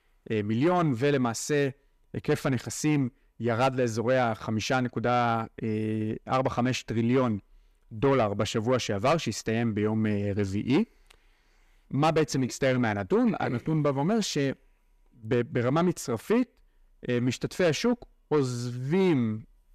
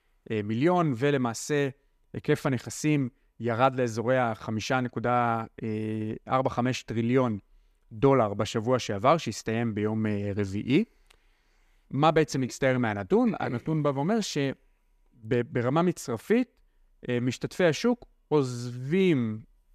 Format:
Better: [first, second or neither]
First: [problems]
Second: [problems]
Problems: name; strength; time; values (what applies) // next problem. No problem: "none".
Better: second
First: distortion; slight; 10 dB below the speech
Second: none